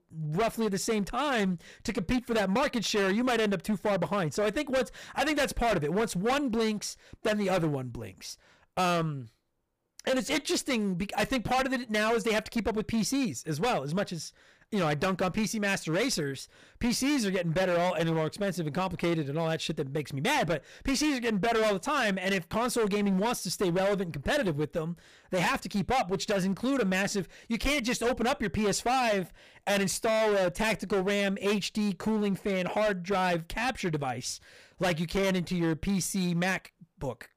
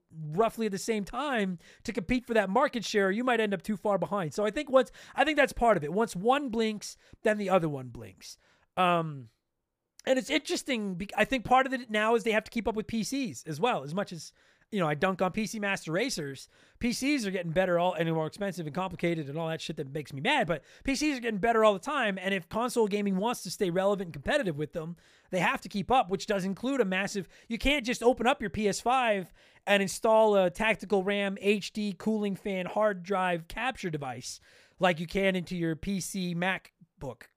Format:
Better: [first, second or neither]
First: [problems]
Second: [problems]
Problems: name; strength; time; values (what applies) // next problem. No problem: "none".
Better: second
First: distortion; heavy; 16% of the sound clipped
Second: none